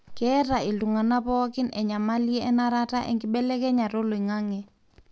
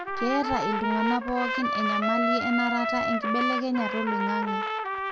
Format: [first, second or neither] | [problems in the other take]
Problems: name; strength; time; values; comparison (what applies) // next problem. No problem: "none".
first | background sound (Trumpet); as loud as the speech